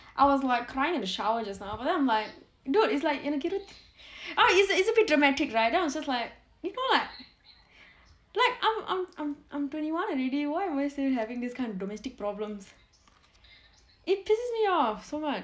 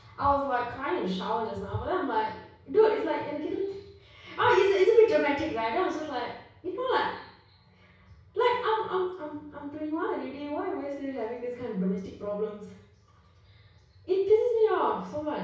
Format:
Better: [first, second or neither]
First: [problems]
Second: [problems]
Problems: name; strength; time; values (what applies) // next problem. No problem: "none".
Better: first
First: none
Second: room echo; dies away in 0.6 s